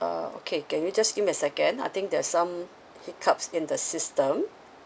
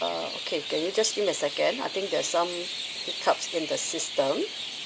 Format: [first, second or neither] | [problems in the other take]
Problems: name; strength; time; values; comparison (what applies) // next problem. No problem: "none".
first | background sound (Chirp, tweet); 7 dB below the speech